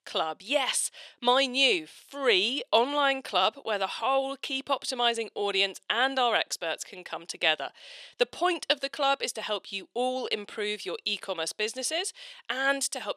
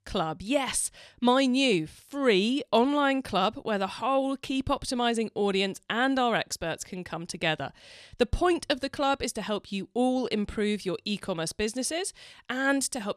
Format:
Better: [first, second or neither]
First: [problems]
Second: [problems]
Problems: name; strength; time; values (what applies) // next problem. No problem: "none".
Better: second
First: thin; somewhat; fading below 500 Hz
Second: none